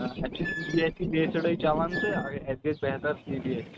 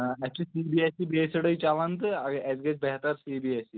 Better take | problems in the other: second | noise reduction (neural mask model RNNoise)

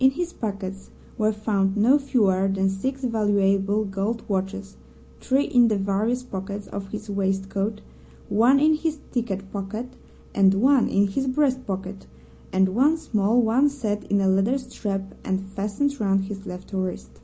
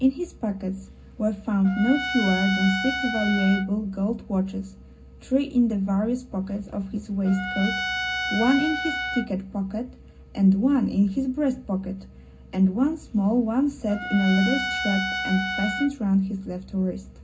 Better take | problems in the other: first | background sound (Trumpet); 6 dB below the speech // room echo; dies away in 0.4 s

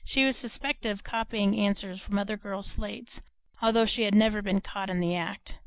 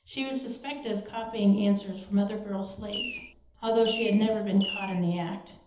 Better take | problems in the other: first | background sound (Fireworks); 8 dB below the speech // room echo; dies away in 0.8 s

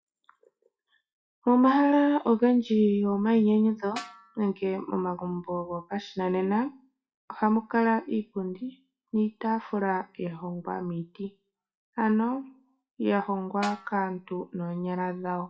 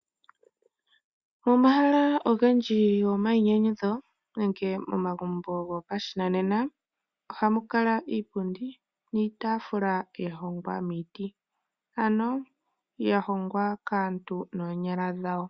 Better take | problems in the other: second | noise reduction (classical method WPE with log-MMSE)

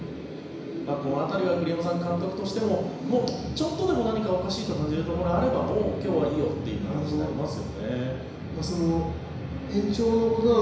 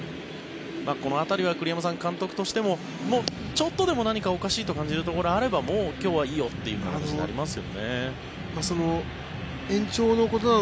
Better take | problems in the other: second | background sound (Bass guitar); 15 dB below the speech // room echo; dies away in 1 s

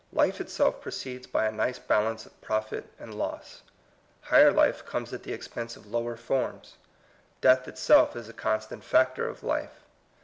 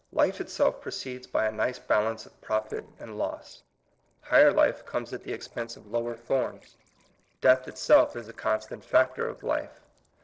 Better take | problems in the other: first | noise reduction (neural separator model SepFormer DNS4)

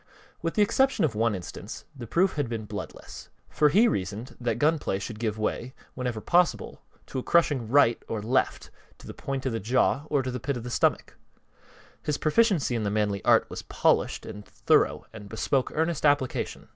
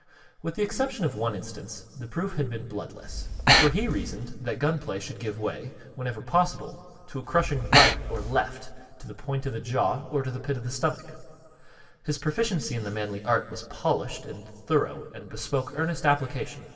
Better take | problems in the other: first | background sound (Breathing); 4 dB above the speech // room echo; dies away in 1.9 s

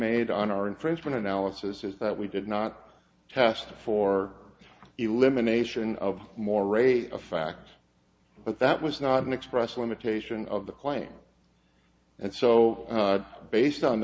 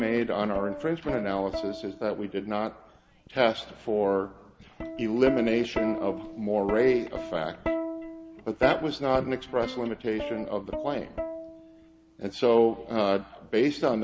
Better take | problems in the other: first | background sound (Plucked string instrument); 9 dB below the speech

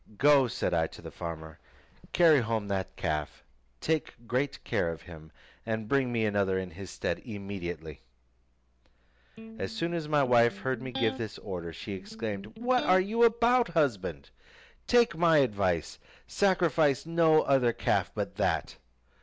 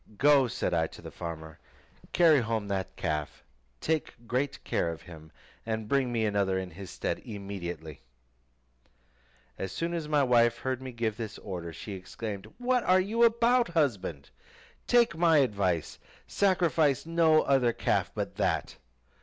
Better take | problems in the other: second | background sound (Electric guitar); 13 dB below the speech

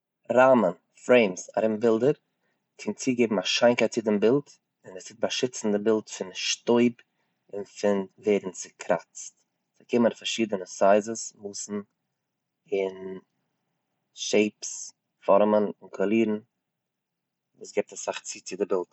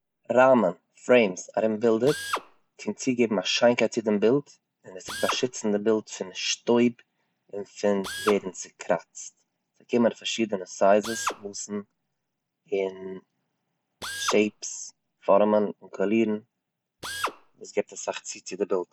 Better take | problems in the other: first | background sound (Drill); 15 dB below the speech

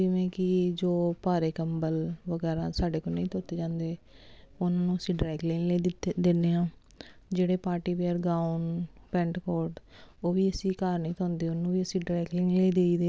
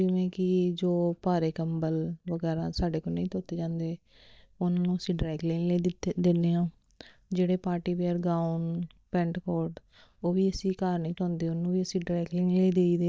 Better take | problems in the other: first | noise reduction (neural mask model DeepFilterNet 3)

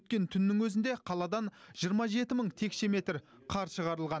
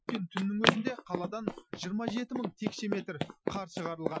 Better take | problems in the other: first | noise reduction (classical method Wiener filter)

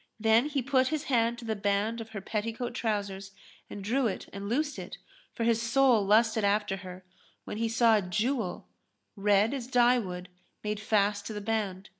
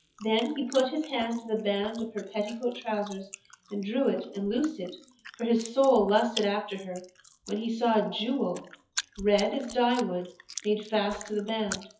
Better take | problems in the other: first | noise reduction (classical method WPE with log-MMSE)

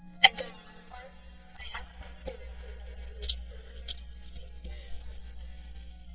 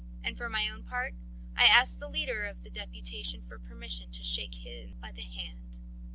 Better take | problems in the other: second | noise reduction (neural mask model DeepFilterNet 3)

